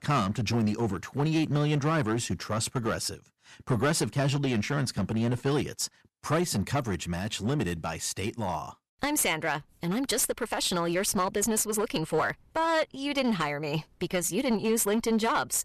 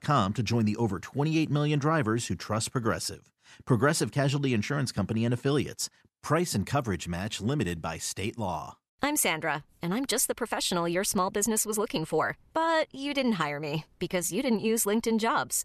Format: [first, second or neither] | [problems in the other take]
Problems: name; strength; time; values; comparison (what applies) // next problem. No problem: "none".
second | distortion; slight; 7% of the sound clipped